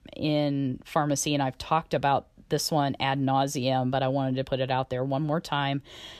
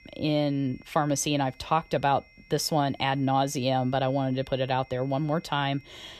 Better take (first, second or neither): first